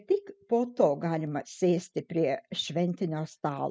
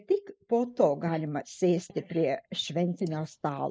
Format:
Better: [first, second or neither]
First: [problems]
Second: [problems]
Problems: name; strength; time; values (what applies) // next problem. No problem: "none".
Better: first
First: none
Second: noise reduction (neural mask model Resemble Enhance denoiser)